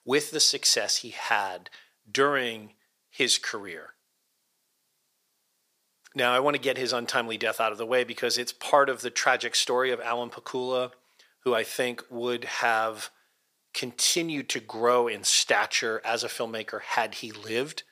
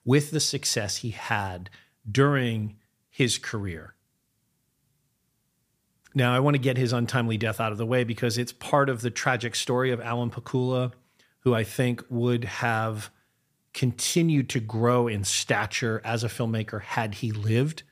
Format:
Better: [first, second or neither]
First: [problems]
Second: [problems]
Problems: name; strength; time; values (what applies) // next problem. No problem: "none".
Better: second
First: thin; very; fading below 550 Hz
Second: none